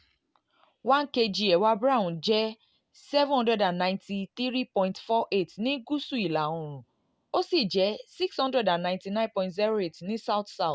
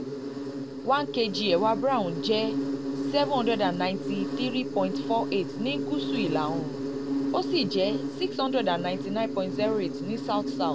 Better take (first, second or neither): first